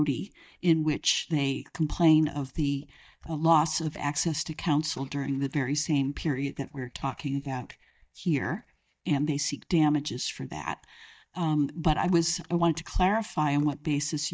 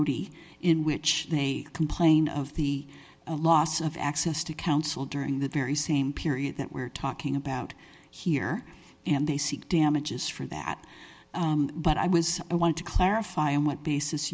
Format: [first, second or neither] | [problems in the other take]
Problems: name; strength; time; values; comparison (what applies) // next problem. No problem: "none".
second | noise reduction (neural mask model DeepFilterNet 3)